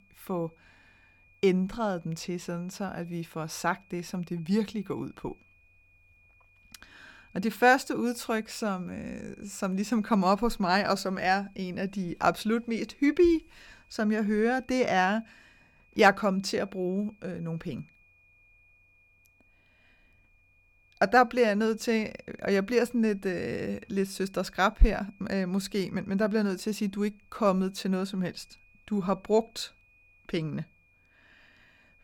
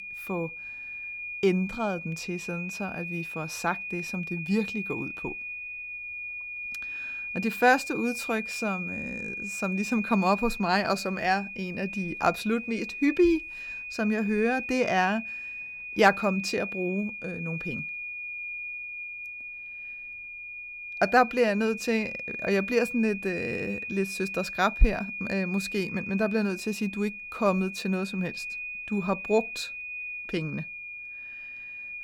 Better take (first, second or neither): first